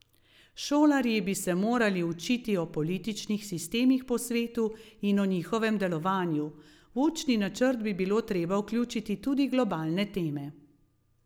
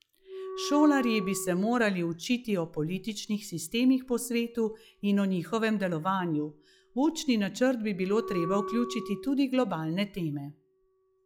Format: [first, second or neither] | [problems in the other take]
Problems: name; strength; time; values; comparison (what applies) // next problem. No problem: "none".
first | noise reduction (classical method log-MMSE)